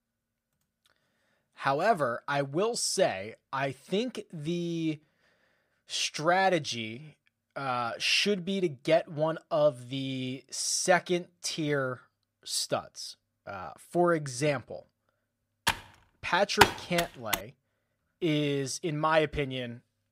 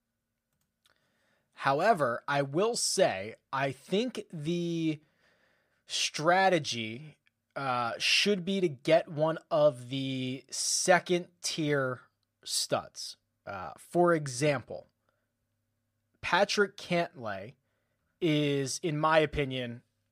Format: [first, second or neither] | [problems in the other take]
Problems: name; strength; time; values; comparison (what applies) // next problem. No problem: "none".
second | keyboard typing; loud; from 16 to 17 s; peak 5 dB above the speech